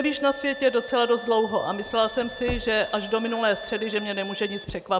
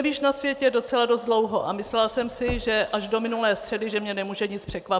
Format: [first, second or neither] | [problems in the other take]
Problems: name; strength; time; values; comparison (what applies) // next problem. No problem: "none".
second | background sound (Wind instrument, woodwind instrument); 15 dB below the speech